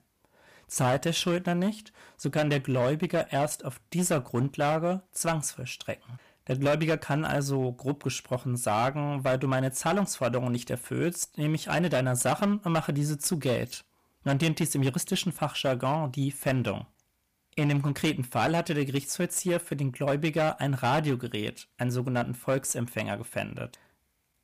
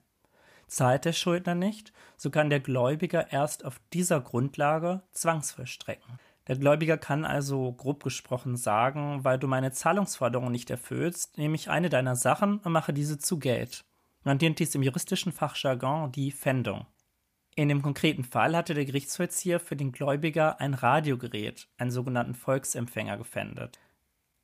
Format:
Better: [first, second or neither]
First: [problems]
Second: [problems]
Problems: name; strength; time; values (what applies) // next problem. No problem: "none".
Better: second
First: distortion; slight; 7% of the sound clipped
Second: none